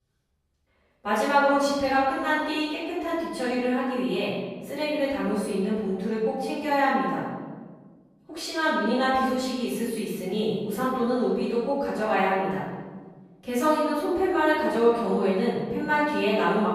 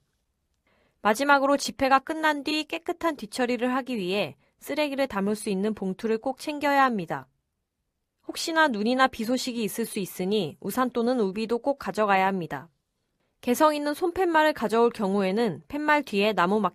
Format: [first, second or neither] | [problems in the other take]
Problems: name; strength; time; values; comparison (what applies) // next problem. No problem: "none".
second | off-mic speech; far // room echo; strong; dies away in 1.4 s